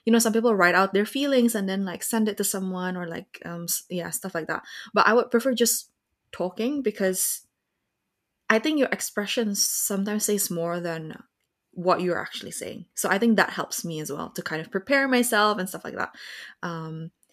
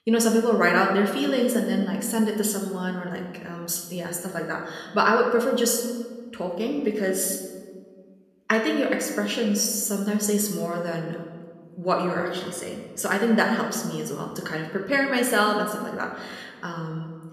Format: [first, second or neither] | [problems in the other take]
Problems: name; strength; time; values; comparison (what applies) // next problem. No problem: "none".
first | room echo; slight; dies away in 1.3 s